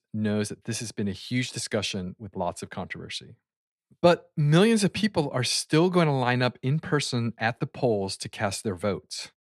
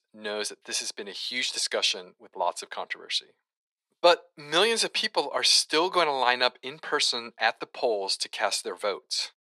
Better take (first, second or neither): first